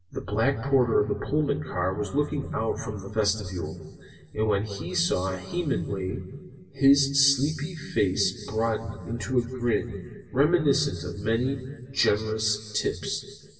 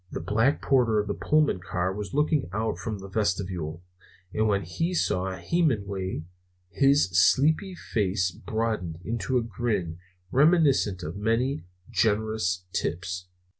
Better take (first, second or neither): second